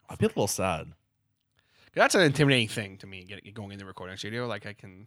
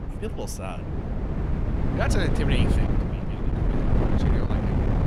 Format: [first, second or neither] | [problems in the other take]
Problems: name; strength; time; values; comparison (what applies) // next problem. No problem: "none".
first | wind noise on the microphone; heavy; as loud as the speech